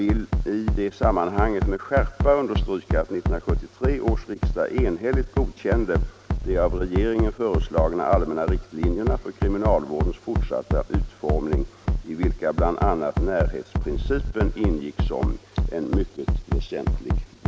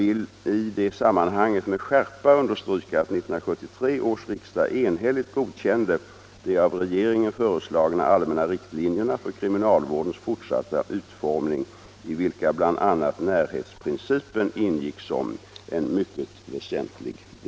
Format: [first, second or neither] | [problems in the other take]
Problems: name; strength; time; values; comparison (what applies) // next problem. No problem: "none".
second | background sound (Bass drum); 1 dB above the speech